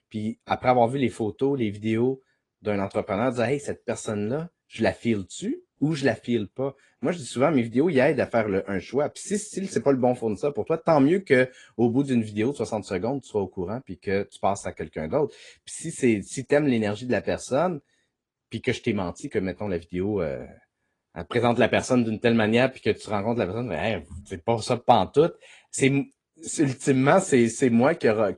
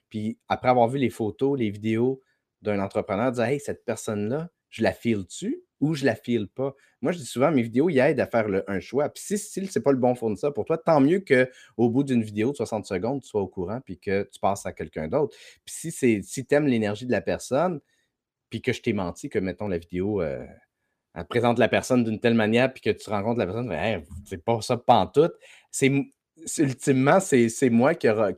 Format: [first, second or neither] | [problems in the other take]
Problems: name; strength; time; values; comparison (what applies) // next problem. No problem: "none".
second | garbled, watery; slightly